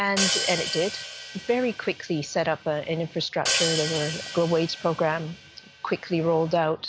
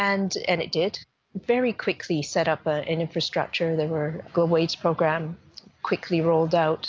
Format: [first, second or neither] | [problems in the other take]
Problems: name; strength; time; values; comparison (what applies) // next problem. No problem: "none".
second | background sound (Hi-hat); 6 dB below the speech